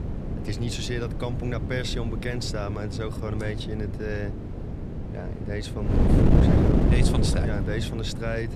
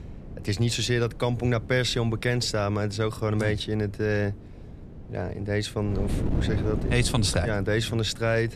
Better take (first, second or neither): second